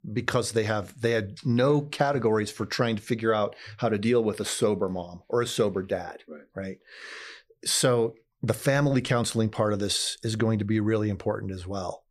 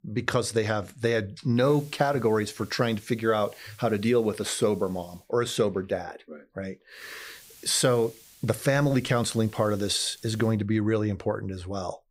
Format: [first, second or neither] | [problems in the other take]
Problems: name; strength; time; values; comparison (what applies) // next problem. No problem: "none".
first | hiss; faint; from 1.5 to 5 s and from 7 to 11 s; 25 dB below the speech